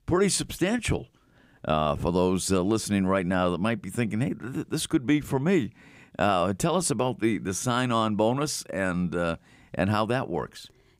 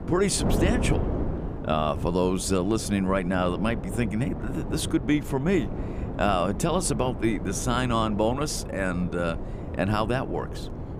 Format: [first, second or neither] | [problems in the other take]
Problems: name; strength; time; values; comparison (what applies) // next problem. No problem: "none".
first | wind noise on the microphone; occasional gusts; 10 dB below the speech